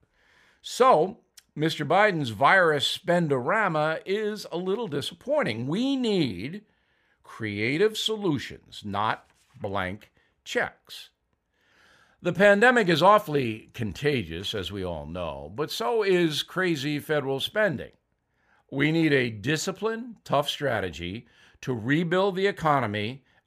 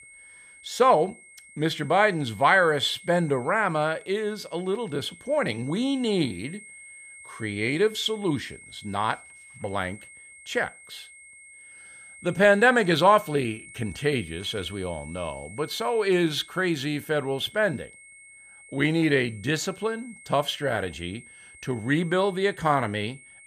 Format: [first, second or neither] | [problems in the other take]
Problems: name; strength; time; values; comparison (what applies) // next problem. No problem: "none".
first | high-pitched whine; faint; throughout; 2 kHz, 20 dB below the speech